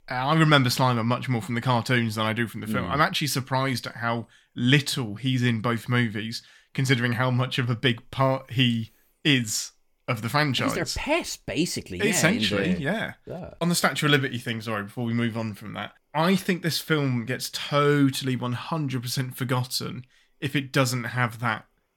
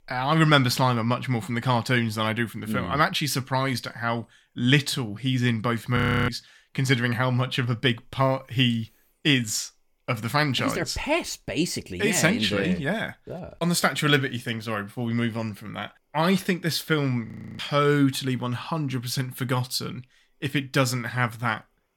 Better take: first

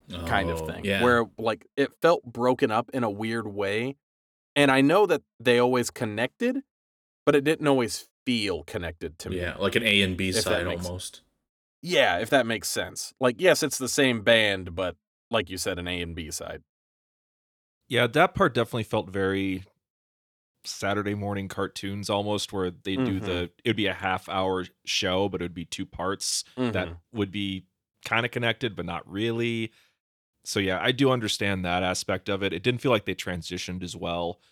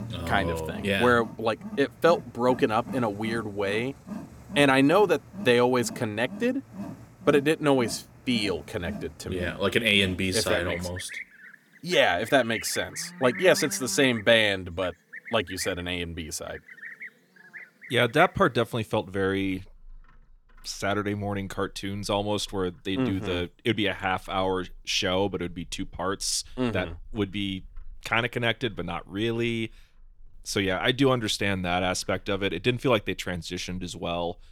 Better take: first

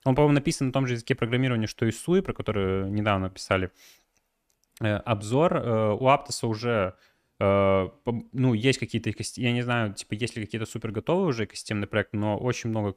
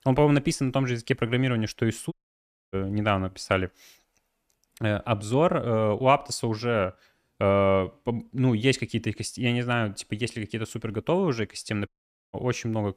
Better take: first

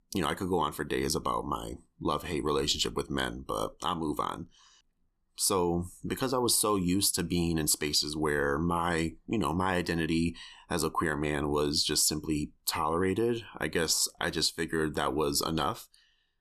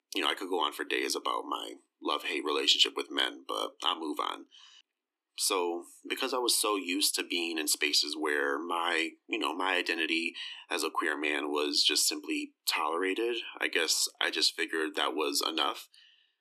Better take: first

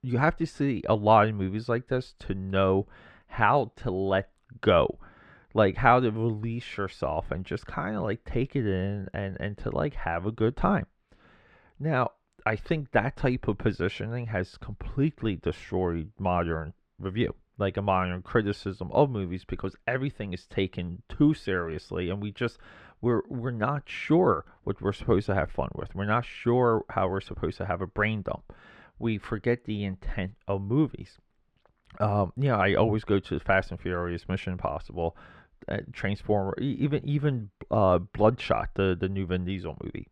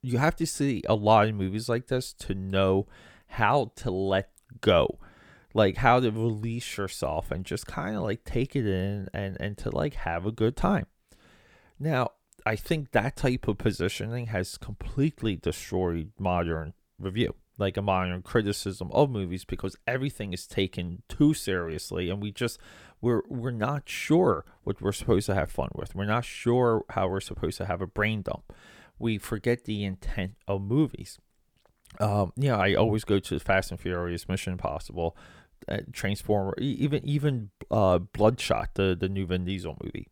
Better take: second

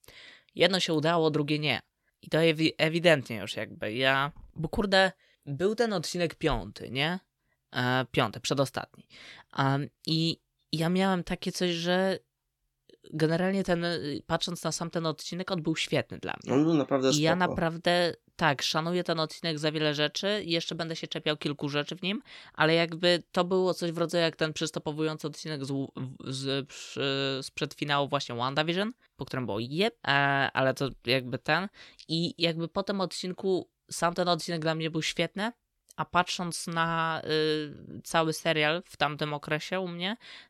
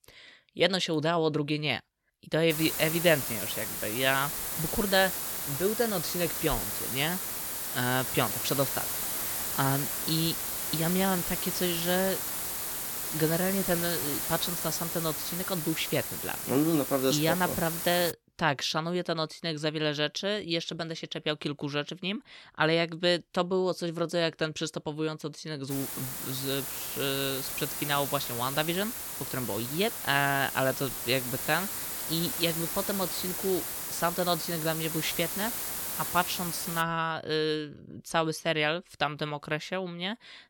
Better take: first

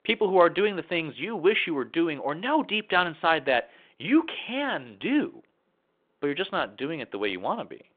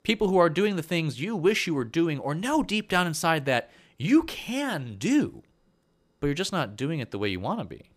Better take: second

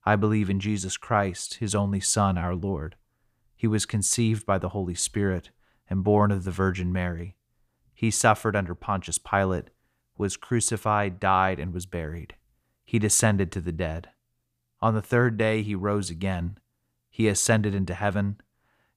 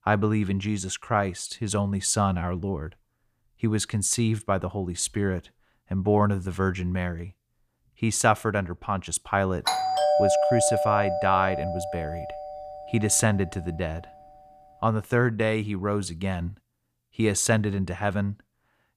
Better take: first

